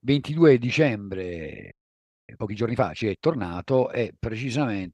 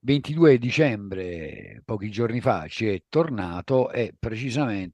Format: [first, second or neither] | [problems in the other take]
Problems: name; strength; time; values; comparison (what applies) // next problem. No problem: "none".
second | audio freezing; at 1.5 s for 0.5 s